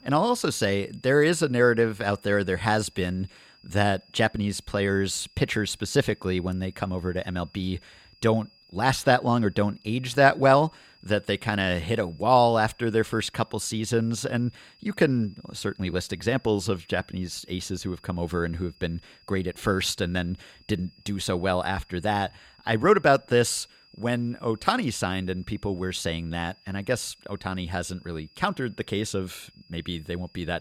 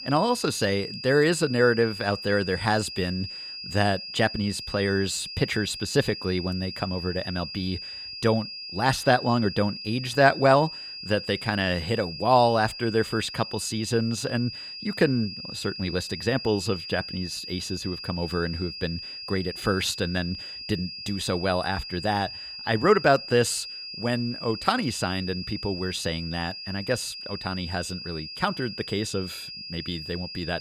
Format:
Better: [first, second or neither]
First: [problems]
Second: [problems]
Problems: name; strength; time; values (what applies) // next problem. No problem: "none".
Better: first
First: high-pitched whine; faint; throughout; 5 kHz, 30 dB below the speech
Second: high-pitched whine; loud; throughout; 5 kHz, 9 dB below the speech